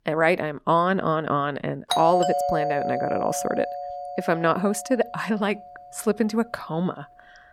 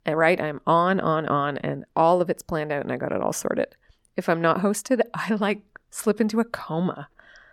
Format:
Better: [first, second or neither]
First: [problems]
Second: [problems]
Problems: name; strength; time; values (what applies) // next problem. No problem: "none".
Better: second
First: doorbell; loud; from 2 to 4.5 s; peak 1 dB above the speech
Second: none